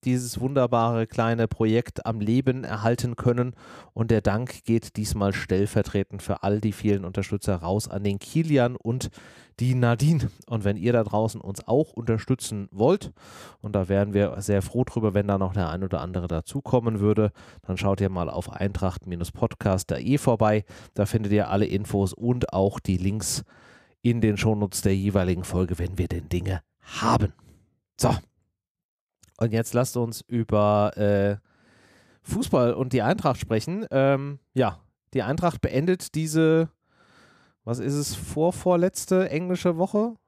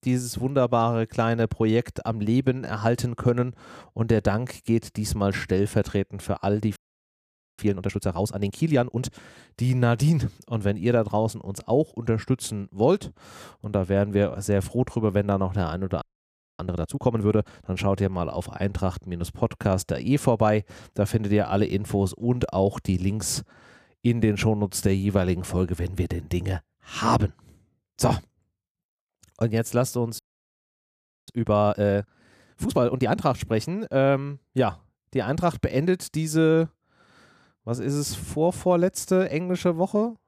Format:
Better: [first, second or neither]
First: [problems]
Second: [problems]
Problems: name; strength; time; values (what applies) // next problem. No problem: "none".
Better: first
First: none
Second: audio freezing; at 7 s for 1 s, at 16 s for 0.5 s and at 30 s for 1 s